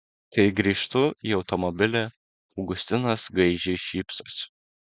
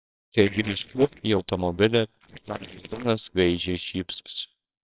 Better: first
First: none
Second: noise reduction (neural separator model SepFormer WHAMR!)

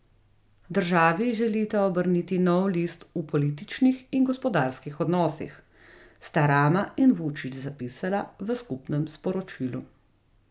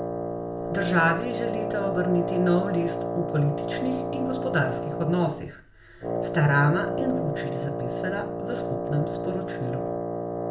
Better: first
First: none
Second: background sound (Wind instrument, woodwind instrument); 2 dB below the speech // room echo; dies away in 0.4 s

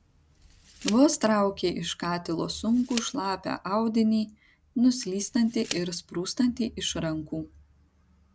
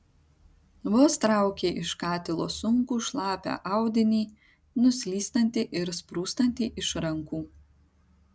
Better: second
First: background sound (Tick); 17 dB below the speech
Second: none

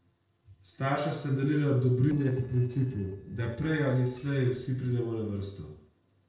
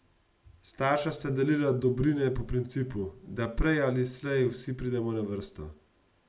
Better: second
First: noise reduction (neural separator model SepFormer DNS4)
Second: none

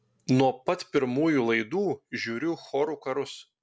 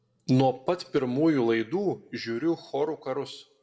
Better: first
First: none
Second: room echo; dies away in 0.4 s

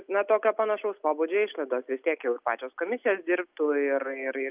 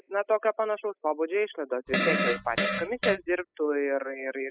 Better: first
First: none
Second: noise reduction (classical method spectral subtraction)

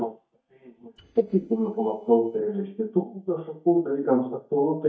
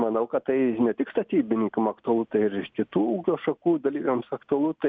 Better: second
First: noise reduction (neural mask model DeepFilterNet 3)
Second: none

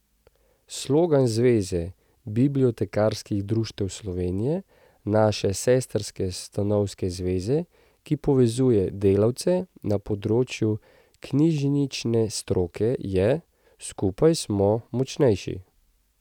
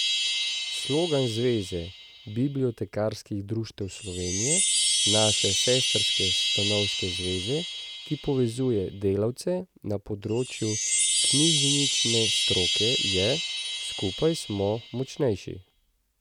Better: first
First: none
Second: background sound (Chime); as loud as the speech

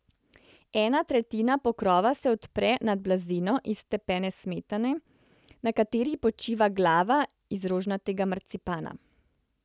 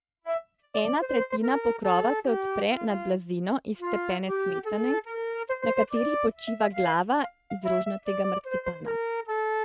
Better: first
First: none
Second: noise reduction (neural mask model RNNoise)

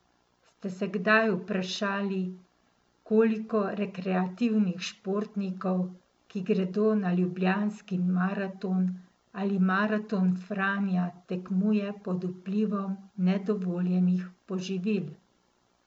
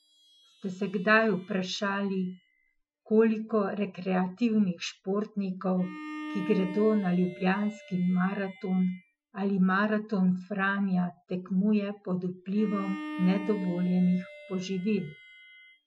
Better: first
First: none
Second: noise reduction (classical method Wiener filter)

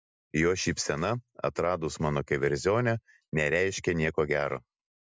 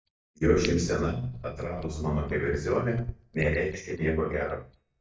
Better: first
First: none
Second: noise reduction (neural mask model DeepFilterNet 3)

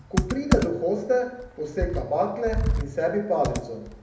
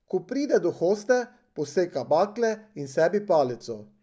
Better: second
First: background sound (Computer keyboard); 2 dB below the speech // room echo; dies away in 0.7 s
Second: none

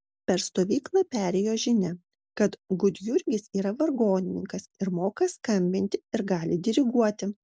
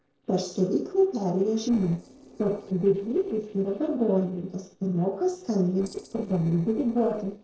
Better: first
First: none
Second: noise reduction (neural separator model SepFormer DNS4)

